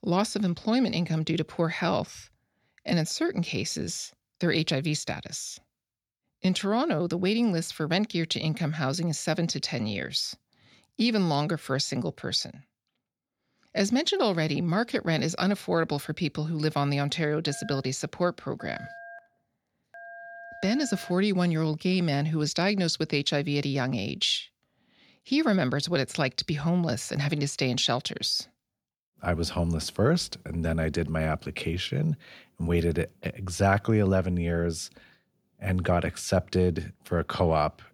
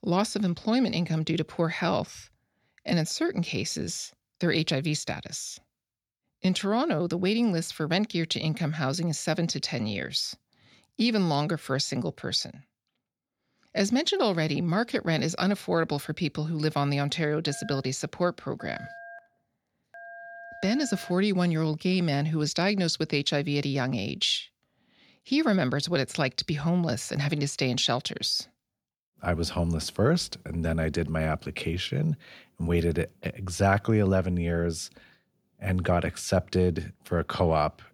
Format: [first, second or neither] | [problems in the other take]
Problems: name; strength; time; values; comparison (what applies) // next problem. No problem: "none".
neither | phone ringing; faint; from 17 to 21 s; peak 15 dB below the speech; the same in both